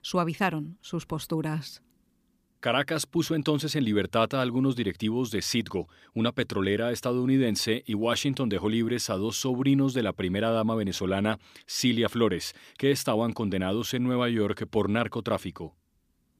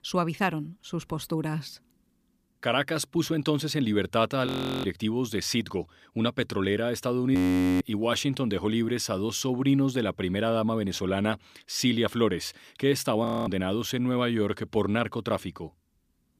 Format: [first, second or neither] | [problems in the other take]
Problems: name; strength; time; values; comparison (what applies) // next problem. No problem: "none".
first | audio freezing; at 4.5 s, at 7.5 s and at 13 s